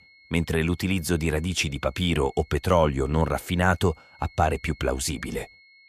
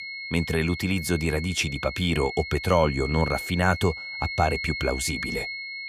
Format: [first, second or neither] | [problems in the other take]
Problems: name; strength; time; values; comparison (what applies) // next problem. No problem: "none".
first | high-pitched whine; loud; throughout; 2 kHz, 7 dB below the speech; faint in the first